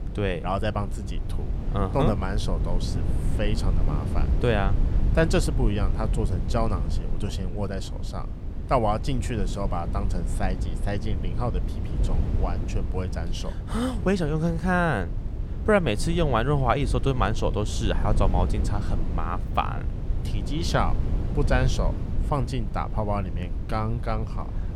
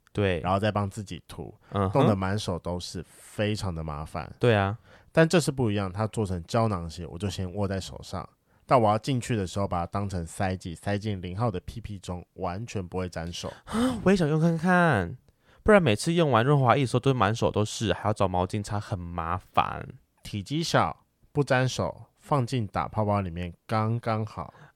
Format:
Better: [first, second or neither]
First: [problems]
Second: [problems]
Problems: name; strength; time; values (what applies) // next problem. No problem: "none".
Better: second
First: wind noise on the microphone; occasional gusts; 15 dB below the speech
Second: none